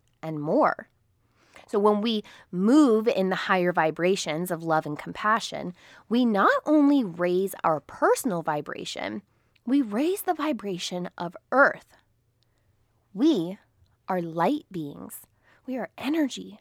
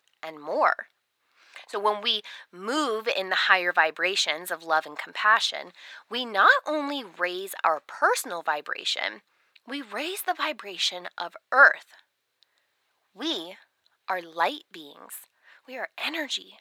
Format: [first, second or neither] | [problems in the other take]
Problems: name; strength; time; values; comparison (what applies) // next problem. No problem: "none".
first | thin; very; fading below 650 Hz